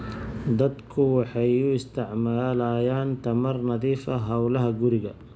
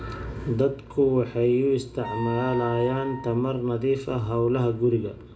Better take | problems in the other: first | background sound (Wind instrument, woodwind instrument); 14 dB below the speech // room echo; dies away in 0.4 s

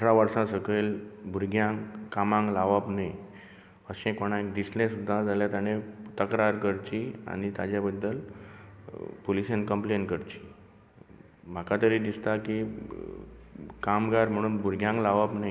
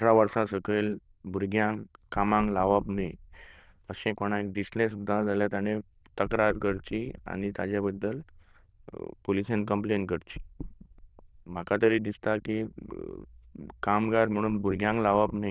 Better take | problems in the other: first | noise reduction (neural diffusion model UNIVERSE++)

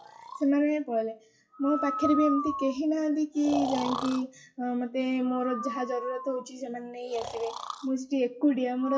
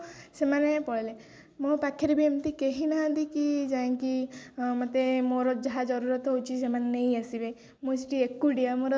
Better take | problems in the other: second | noise reduction (classical method WPE with log-MMSE)

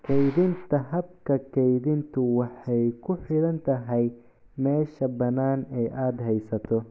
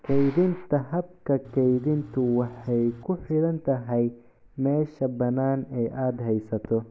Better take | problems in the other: first | background sound (Engine / Truck); 18 dB below the speech

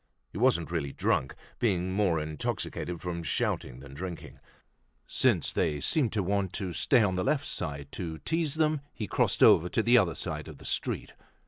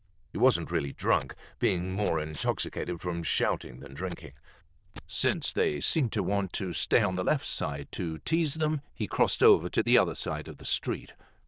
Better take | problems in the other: first | noise reduction (neural diffusion model UNIVERSE++)

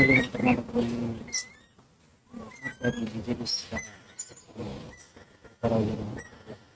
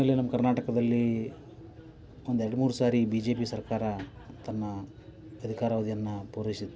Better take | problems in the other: second | noise reduction (neural mask model RNNoise)

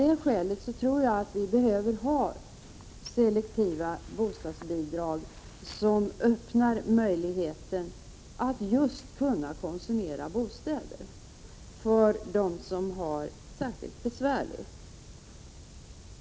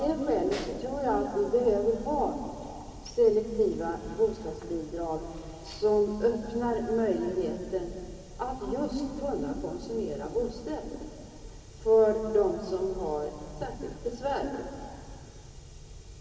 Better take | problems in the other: first | background sound (Snare drum); 20 dB below the speech // room echo; dies away in 2.8 s

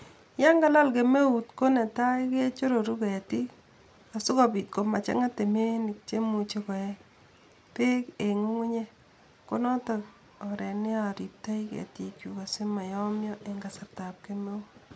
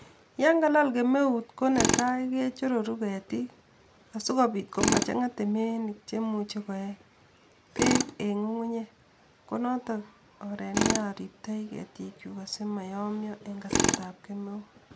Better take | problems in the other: first | background sound (Tools); 5 dB below the speech

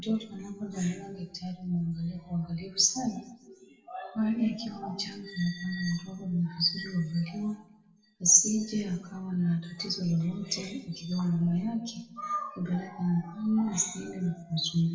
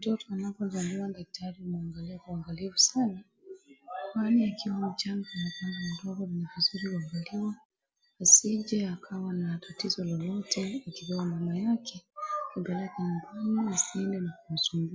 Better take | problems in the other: second | room echo; dies away in 0.6 s

